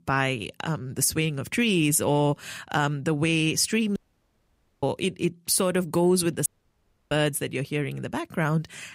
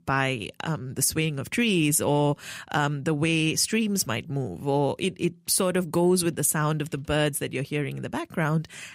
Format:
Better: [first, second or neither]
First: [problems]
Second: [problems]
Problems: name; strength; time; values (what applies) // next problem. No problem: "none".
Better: second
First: audio cutting out; at 4 s for 1 s and at 6.5 s for 0.5 s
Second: none